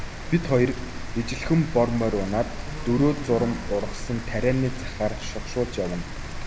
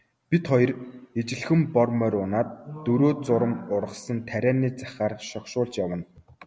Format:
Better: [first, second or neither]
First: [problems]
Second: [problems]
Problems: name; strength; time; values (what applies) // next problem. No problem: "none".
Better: second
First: background sound (Rain); 7 dB below the speech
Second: none